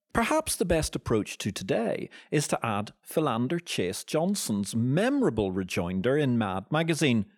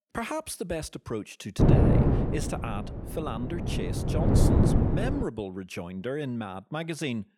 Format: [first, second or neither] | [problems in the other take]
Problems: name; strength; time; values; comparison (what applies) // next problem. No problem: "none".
first | wind noise on the microphone; heavy; from 1.5 to 5 s; 4 dB above the speech